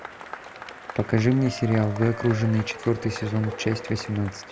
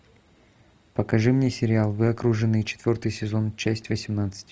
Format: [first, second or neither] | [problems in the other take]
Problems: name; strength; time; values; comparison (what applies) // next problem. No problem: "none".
second | background sound (Applause / Crowd / Cheering); 12 dB below the speech